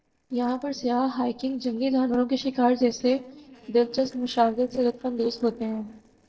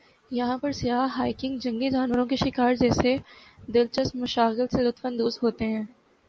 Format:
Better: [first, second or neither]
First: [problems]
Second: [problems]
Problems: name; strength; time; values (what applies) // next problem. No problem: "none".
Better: second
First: noise reduction (neural separator model SepFormer DNS4)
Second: none